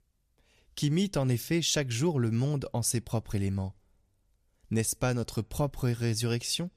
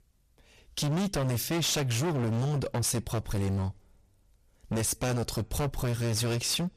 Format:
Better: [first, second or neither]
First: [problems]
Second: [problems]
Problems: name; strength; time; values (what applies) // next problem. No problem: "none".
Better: first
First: none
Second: distortion; heavy; 30% of the sound clipped